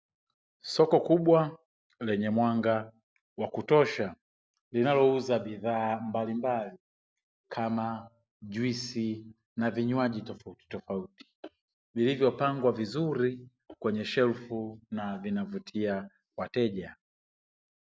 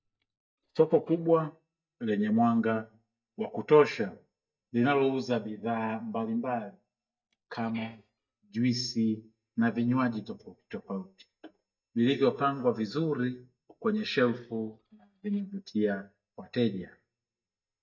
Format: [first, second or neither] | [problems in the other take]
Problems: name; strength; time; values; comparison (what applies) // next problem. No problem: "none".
first | noise reduction (neural mask model DeepFilterNet 3)